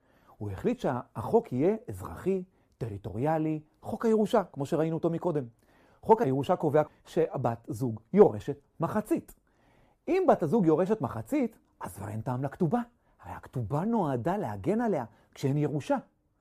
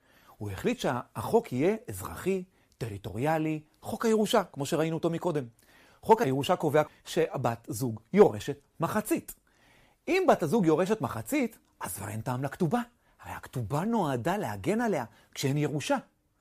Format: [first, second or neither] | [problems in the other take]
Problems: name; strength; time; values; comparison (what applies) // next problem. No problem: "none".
second | muffled; slightly; fading above 1.5 kHz